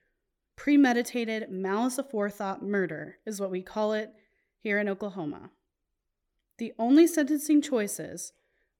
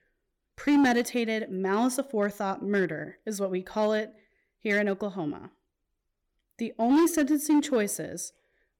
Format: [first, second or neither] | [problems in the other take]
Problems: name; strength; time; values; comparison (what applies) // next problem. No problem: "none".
first | distortion; slight; 4% of the sound clipped